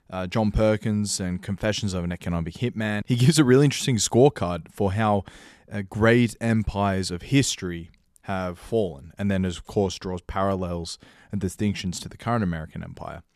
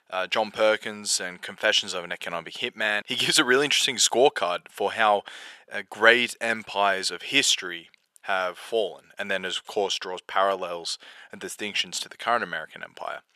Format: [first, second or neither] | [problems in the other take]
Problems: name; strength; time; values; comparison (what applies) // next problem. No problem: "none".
first | thin; very; fading below 650 Hz